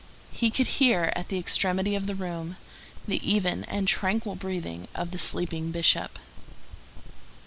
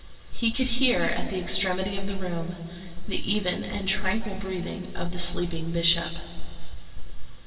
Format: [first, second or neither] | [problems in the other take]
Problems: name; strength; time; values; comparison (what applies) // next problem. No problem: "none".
first | room echo; dies away in 2.4 s